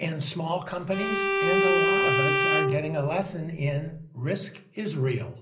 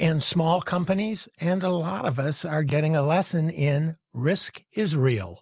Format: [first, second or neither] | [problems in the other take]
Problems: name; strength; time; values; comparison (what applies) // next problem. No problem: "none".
second | background sound (Bowed string instrument); 4 dB above the speech // room echo; dies away in 0.5 s